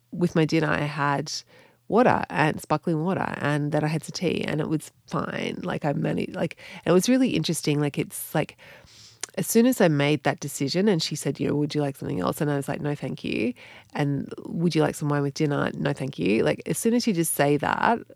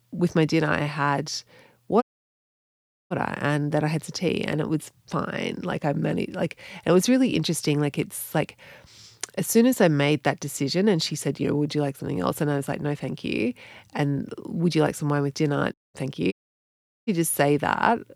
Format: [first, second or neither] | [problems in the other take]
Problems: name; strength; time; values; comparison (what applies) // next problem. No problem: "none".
first | audio cutting out; at 2 s for 1 s and at 16 s for 1 s